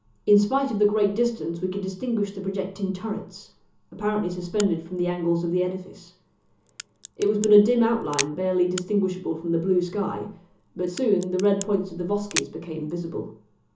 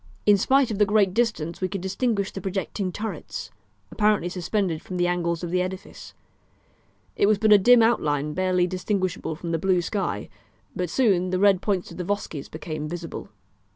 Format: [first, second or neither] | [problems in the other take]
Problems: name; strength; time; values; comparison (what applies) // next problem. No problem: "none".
second | background sound (Crack); 14 dB below the speech // room echo; dies away in 0.8 s